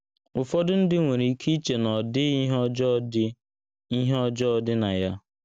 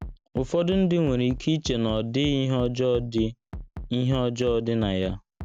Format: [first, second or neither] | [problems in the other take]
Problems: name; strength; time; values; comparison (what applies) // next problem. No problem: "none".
first | background sound (Bass drum); 14 dB below the speech